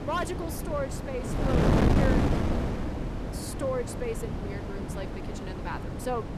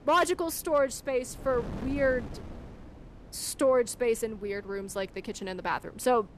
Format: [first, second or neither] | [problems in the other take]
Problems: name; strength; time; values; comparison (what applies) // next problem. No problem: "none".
second | wind noise on the microphone; heavy; 1 dB above the speech; occasional gusts in the second